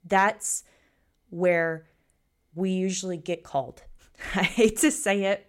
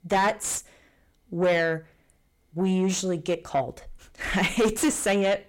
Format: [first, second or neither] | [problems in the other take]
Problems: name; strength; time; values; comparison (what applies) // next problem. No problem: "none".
first | distortion; heavy; 7 dB below the speech